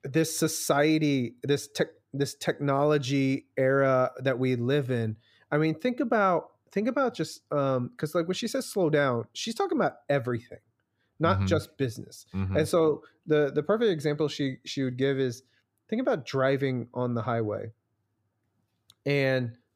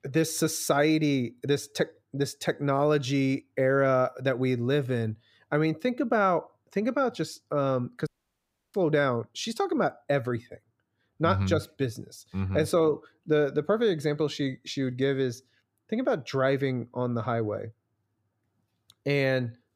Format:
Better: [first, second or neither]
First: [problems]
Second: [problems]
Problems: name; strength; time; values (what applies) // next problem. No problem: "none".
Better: first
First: none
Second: audio cutting out; at 8 s for 0.5 s